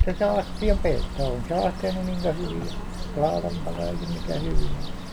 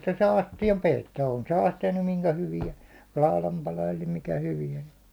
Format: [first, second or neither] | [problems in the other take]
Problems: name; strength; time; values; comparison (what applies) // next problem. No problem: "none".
second | background sound (Bird); 1 dB above the speech